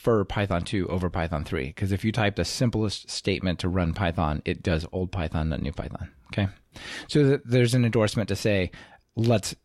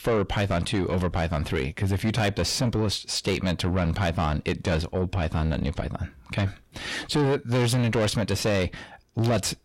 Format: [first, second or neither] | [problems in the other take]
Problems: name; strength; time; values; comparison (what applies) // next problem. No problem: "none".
first | distortion; heavy; 8 dB below the speech